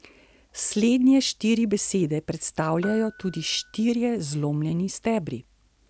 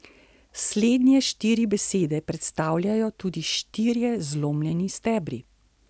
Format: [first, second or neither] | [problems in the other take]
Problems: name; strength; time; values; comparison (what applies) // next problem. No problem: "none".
second | background sound (Piano); 19 dB below the speech